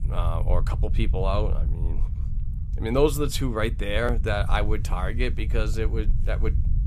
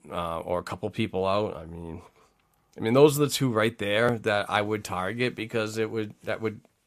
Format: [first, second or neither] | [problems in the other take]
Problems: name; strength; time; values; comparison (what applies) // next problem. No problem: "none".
second | low rumble; noticeable; throughout; 15 dB below the speech